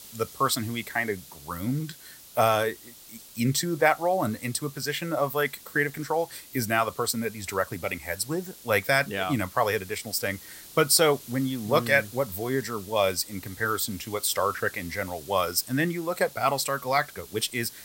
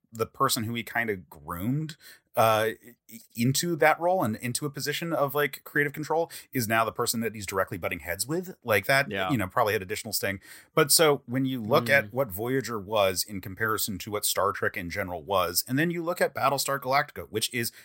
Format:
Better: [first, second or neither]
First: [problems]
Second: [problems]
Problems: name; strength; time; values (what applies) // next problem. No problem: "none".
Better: second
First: hiss; noticeable; throughout; 20 dB below the speech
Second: none